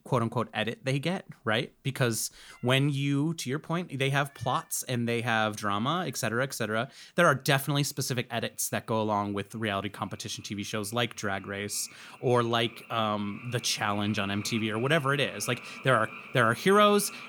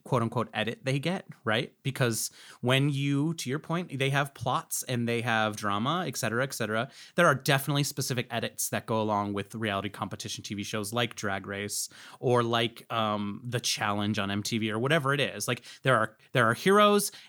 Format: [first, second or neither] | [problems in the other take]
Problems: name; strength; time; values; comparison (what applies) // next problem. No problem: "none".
second | animal sounds; noticeable; throughout; 15 dB below the speech